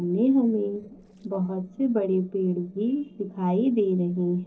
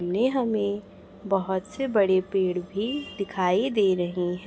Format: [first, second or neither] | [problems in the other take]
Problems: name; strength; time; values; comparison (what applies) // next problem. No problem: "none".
second | noise reduction (neural separator model SepFormer DNS4)